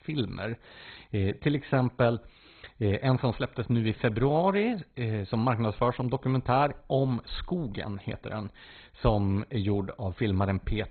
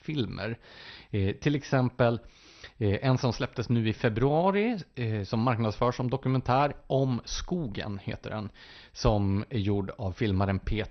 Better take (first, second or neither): second